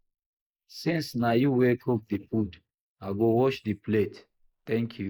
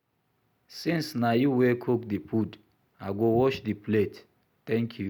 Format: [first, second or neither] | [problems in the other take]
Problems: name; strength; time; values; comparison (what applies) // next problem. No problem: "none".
second | noise reduction (neural mask model Resemble Enhance denoiser)